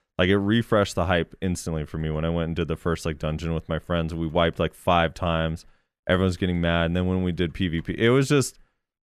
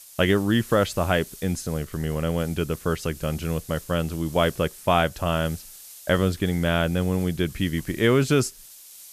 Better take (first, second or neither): first